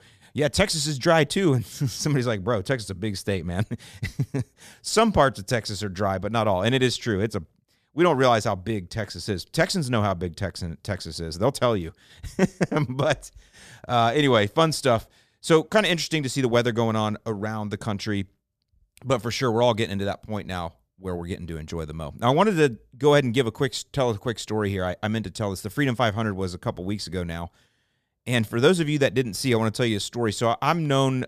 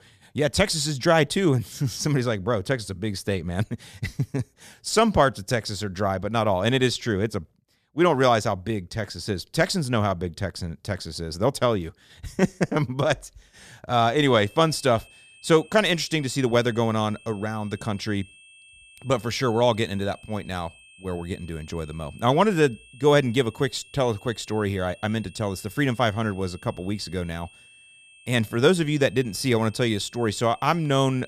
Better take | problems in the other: first | high-pitched whine; faint; from 14 s on; 2.5 kHz, 25 dB below the speech

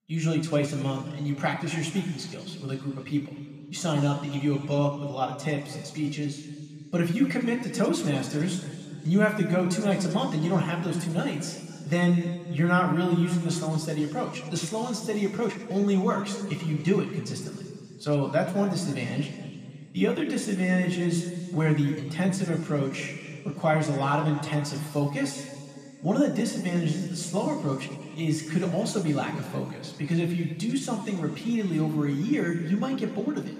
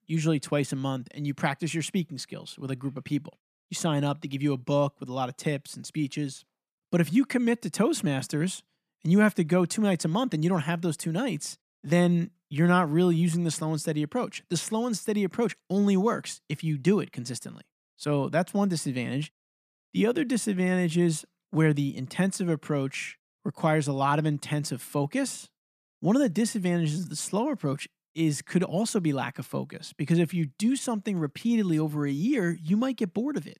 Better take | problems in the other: second | room echo; noticeable; dies away in 2.2 s // off-mic speech; somewhat distant

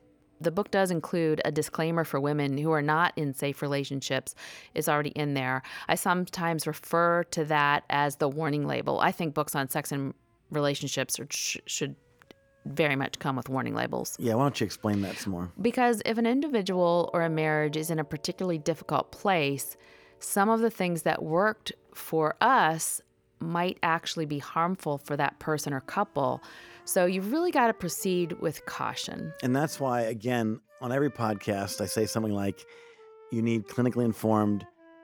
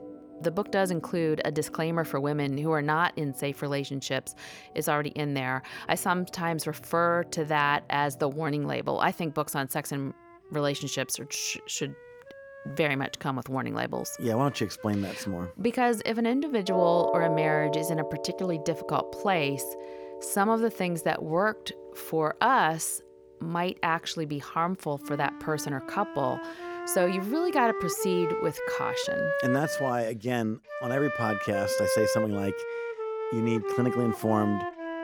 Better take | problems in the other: first | background music; loud; throughout; 5 dB below the speech; faint in the first

